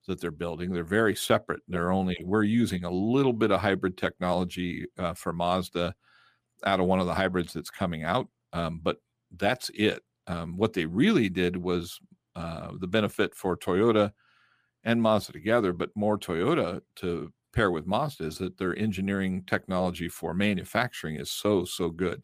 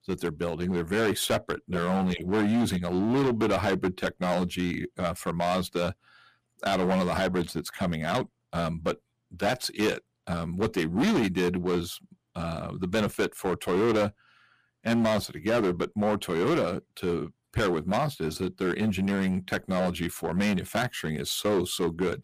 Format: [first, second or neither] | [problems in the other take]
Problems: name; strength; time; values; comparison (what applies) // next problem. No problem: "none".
first | distortion; heavy; 10% of the sound clipped